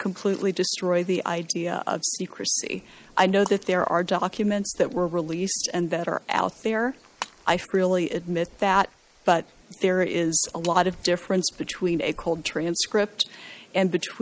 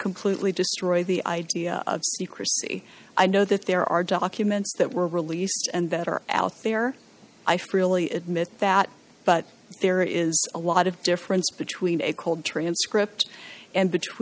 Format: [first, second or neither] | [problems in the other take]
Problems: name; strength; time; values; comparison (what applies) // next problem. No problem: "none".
second | noise reduction (neural mask model Resemble Enhance denoiser)